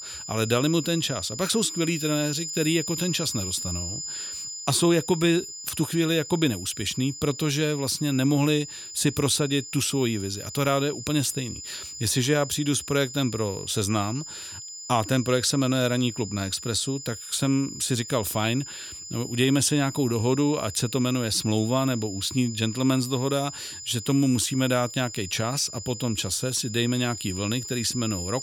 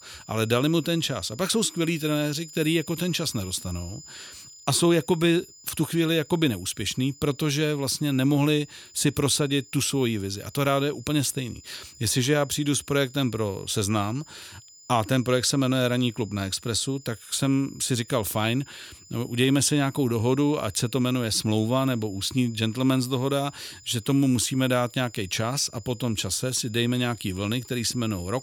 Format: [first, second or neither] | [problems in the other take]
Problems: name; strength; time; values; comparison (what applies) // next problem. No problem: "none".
second | high-pitched whine; loud; throughout; 7 kHz, 10 dB below the speech; faint in the second